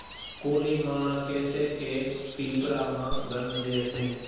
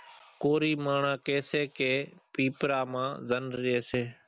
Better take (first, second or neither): second